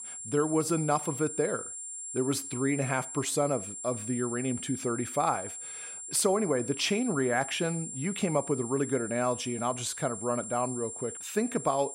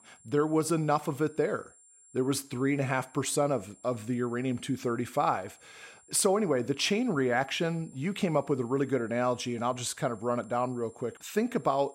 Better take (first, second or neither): second